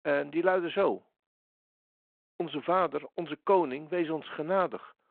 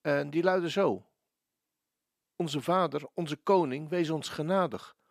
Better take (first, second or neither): second